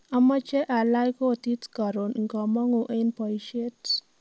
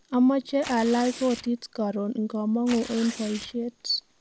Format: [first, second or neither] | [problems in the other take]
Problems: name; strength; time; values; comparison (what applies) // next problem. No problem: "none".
first | background sound (Tearing); 16 dB below the speech